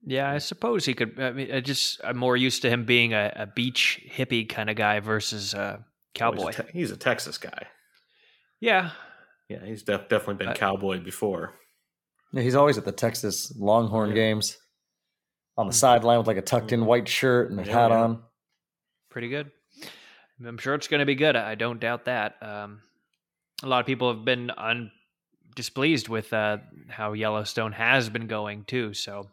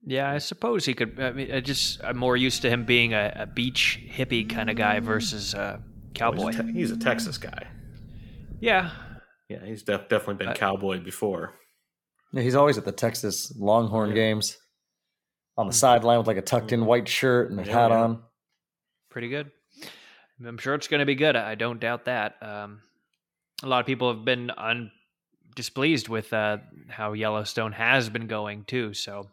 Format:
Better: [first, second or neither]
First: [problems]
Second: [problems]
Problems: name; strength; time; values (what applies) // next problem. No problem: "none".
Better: first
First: none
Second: phone ringing; noticeable; from 1 to 9 s; peak 6 dB below the speech